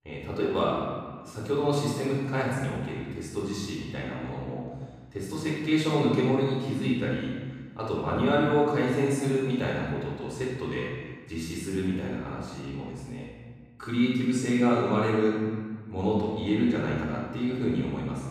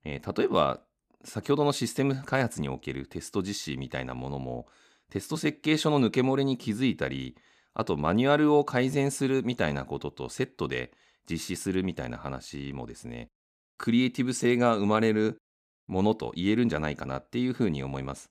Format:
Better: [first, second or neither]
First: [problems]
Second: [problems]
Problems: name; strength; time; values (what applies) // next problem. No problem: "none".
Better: second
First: off-mic speech; far // room echo; strong; dies away in 1.5 s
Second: none